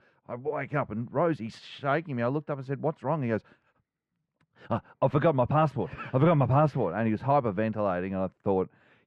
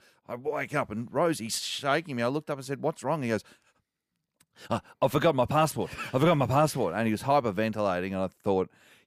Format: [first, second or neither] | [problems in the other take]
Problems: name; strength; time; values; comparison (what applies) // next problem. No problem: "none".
second | muffled; very; fading above 2 kHz